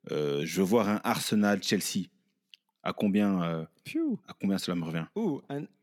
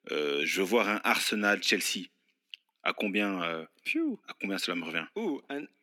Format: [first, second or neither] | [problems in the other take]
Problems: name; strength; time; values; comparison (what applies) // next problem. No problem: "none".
first | thin; somewhat; fading below 250 Hz